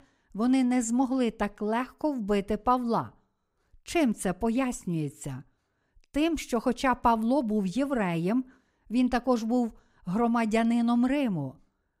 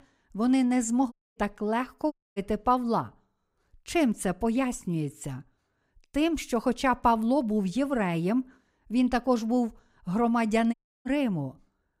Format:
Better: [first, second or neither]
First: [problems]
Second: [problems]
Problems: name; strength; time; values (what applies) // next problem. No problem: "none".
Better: first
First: none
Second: audio cutting out; at 1 s, at 2 s and at 11 s